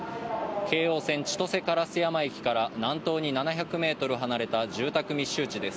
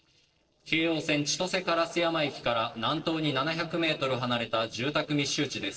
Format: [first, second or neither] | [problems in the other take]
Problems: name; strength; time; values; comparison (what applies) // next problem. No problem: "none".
first | noise reduction (neural separator model SepFormer DNS4)